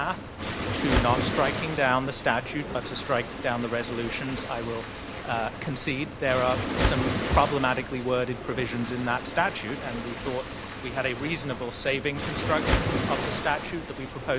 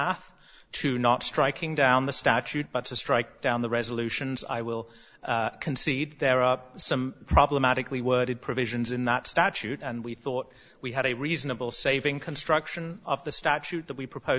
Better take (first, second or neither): second